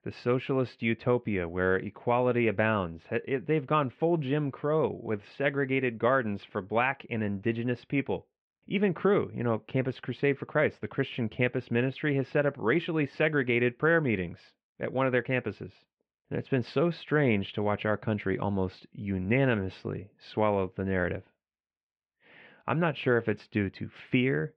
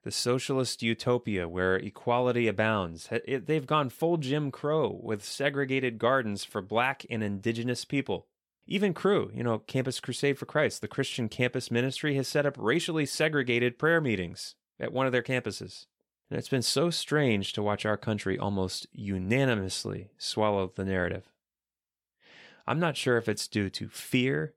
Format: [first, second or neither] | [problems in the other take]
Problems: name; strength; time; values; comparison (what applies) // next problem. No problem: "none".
second | muffled; very; fading above 2.5 kHz